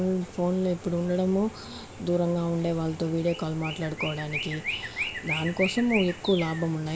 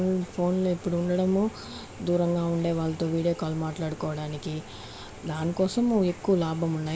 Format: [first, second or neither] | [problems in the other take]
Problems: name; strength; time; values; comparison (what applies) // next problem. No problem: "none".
second | background sound (Chirp, tweet); 10 dB below the speech